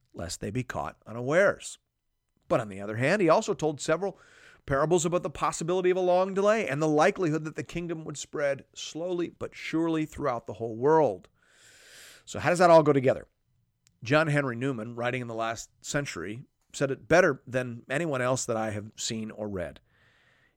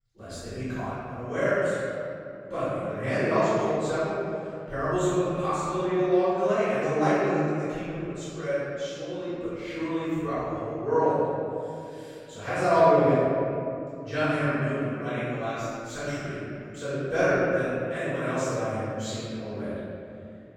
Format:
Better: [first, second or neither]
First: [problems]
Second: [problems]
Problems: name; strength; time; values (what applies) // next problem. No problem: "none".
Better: first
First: none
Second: off-mic speech; far // room echo; strong; dies away in 2.5 s